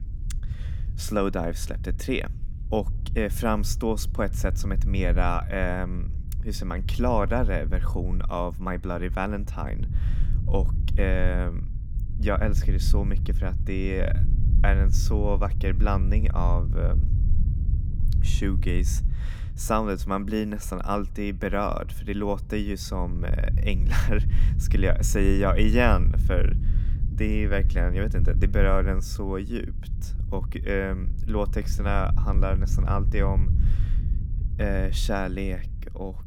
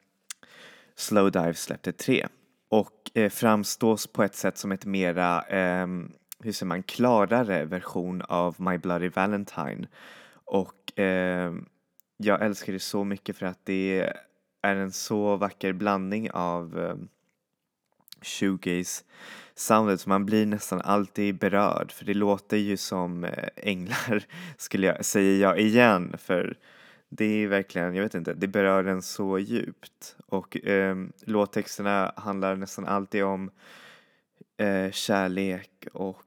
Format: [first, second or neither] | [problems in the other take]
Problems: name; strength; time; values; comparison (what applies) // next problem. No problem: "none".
second | low rumble; noticeable; throughout; 15 dB below the speech